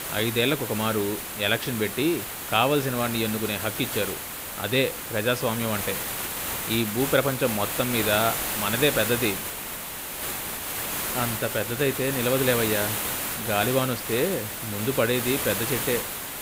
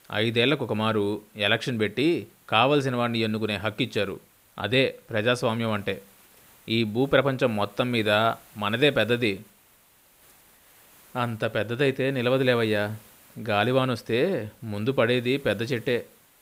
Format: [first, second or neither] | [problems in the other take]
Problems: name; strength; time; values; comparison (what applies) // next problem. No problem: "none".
second | hiss; loud; throughout; 3 dB below the speech; faint in the second